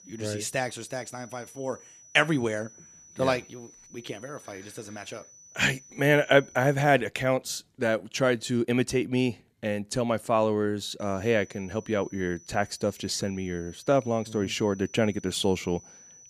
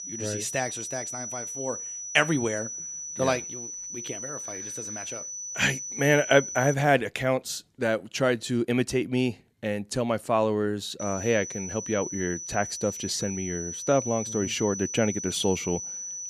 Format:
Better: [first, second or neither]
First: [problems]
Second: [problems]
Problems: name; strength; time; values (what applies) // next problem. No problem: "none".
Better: first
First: high-pitched whine; faint; until 6.5 s and from 11 s on; 6 kHz, 20 dB below the speech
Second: high-pitched whine; loud; until 6.5 s and from 11 s on; 6 kHz, 7 dB below the speech